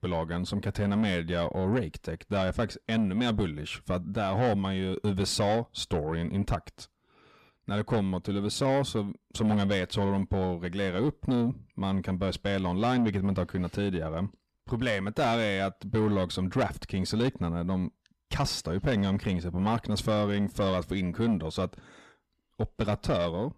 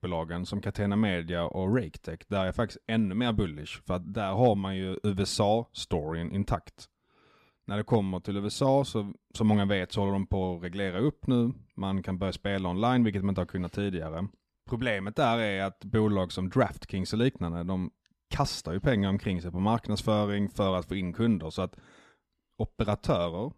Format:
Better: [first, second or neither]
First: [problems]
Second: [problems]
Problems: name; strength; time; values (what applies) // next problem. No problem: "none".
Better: second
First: distortion; slight; 10 dB below the speech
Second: none